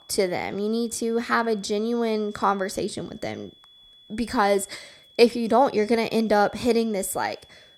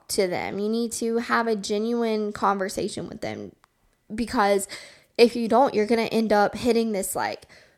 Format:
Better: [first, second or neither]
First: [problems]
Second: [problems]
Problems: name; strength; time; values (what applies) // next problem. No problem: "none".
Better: second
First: high-pitched whine; faint; throughout; 3.5 kHz, 25 dB below the speech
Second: none